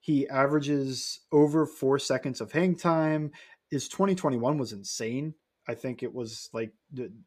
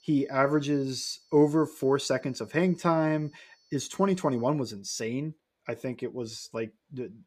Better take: first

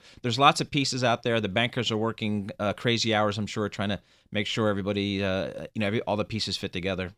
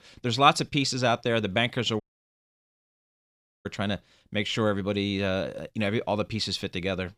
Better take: first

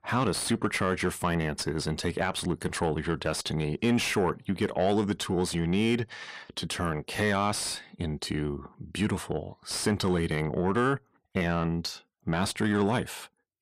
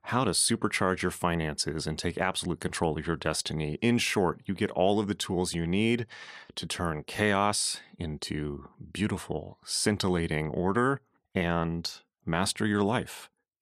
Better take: second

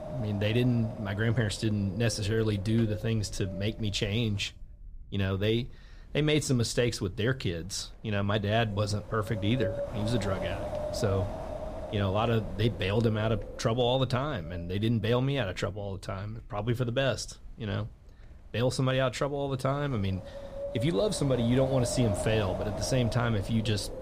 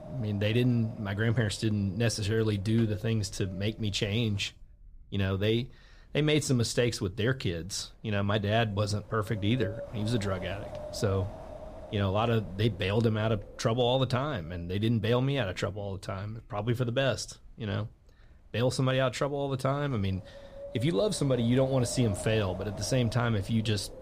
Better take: second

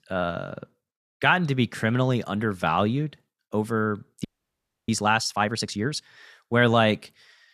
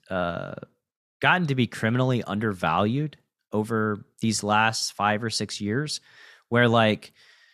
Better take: second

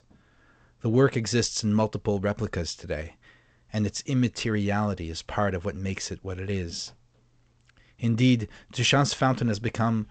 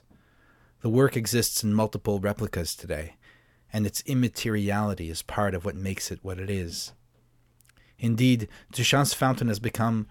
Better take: second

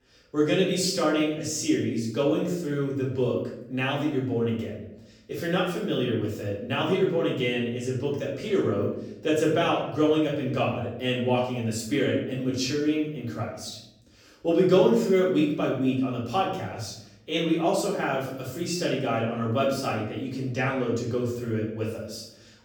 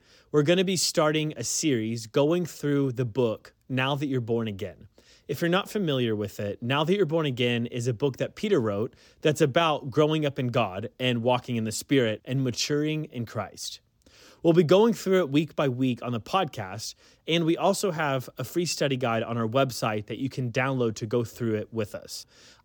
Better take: second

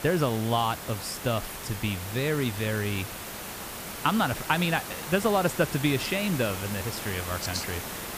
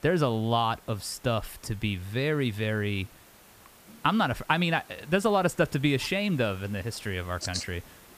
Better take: second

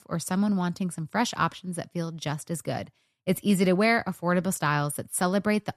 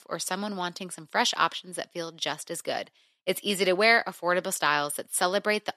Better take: first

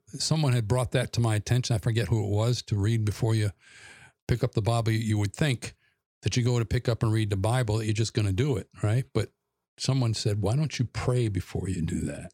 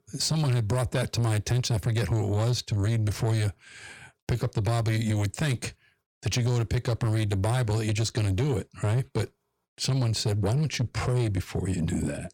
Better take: first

